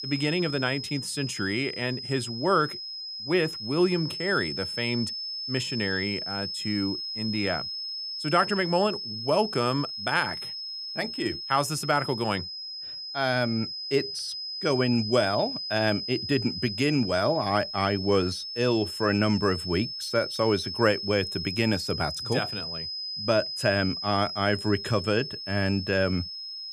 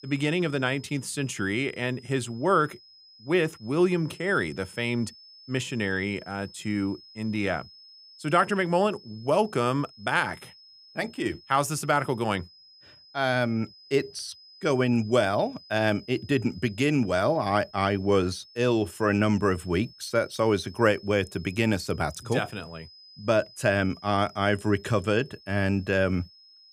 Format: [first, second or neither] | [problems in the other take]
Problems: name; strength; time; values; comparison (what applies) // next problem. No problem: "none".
second | high-pitched whine; loud; throughout; 5 kHz, 5 dB below the speech; faint in the second